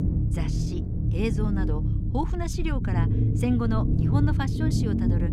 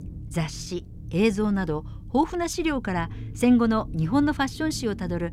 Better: second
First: low rumble; loud; throughout; 2 dB below the speech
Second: low rumble; faint; throughout; 20 dB below the speech

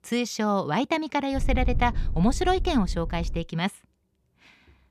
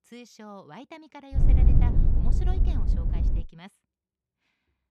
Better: first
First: wind noise on the microphone; occasional gusts; from 1.5 to 3.5 s; 20 dB below the speech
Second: wind noise on the microphone; heavy; from 1.5 to 3.5 s; 4 dB above the speech

